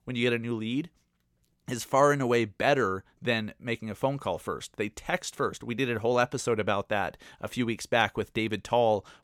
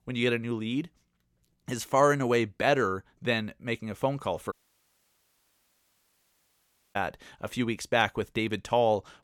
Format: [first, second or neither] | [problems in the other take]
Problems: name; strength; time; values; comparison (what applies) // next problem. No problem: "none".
first | audio cutting out; at 4.5 s for 2.5 s